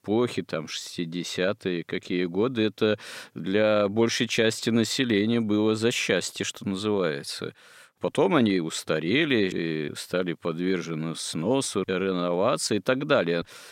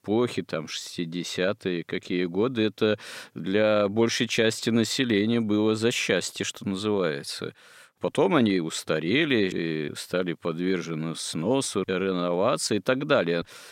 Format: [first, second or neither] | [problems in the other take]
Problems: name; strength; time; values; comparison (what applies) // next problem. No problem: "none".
neither | none